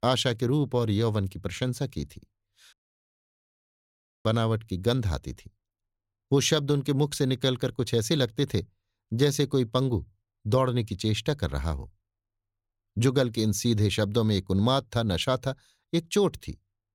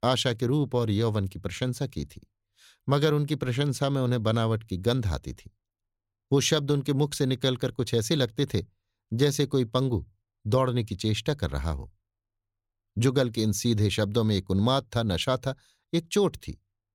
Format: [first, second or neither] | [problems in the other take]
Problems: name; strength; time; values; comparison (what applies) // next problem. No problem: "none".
second | audio cutting out; at 2.5 s for 1.5 s